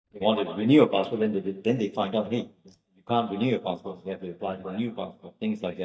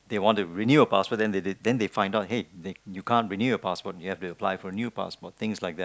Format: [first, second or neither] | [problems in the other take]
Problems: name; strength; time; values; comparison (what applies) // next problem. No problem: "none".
second | noise reduction (neural mask model DeepFilterNet 3)